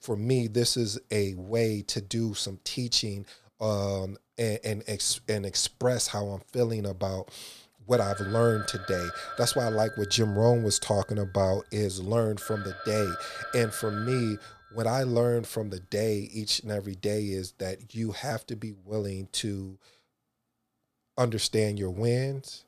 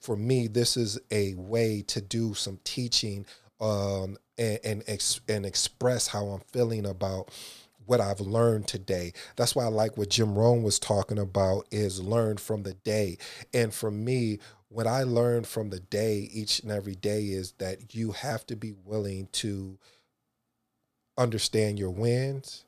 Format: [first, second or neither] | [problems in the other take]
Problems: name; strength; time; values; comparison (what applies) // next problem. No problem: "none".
second | phone ringing; noticeable; from 8 to 15 s; peak 7 dB below the speech